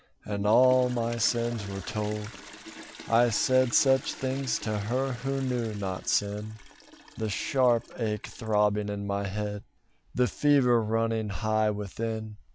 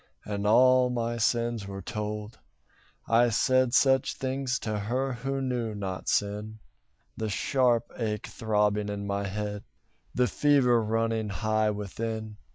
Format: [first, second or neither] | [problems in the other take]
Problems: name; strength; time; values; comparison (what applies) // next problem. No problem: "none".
second | background sound (Toilet flush); 19 dB below the speech